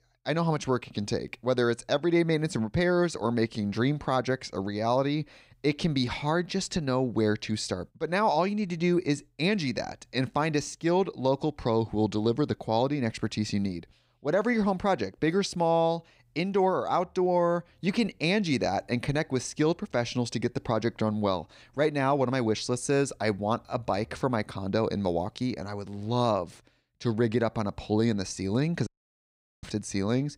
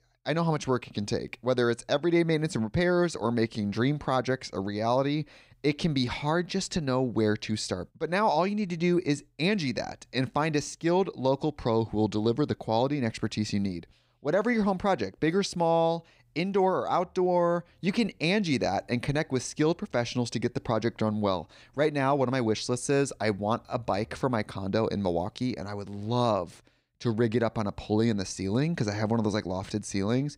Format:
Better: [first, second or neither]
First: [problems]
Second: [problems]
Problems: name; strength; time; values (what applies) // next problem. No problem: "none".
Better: second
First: audio cutting out; at 29 s for 1 s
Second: none